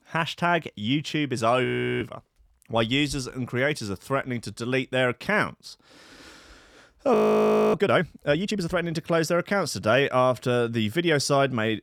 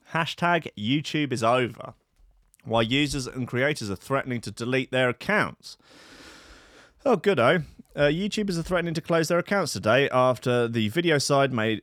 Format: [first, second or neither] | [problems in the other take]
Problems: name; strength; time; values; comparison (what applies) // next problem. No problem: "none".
second | audio freezing; at 1.5 s and at 7 s for 0.5 s